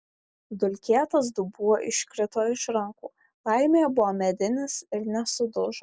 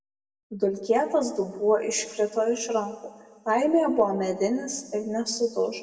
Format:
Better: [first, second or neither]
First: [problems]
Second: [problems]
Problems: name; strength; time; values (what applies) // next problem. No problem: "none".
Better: first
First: none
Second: room echo; dies away in 1.4 s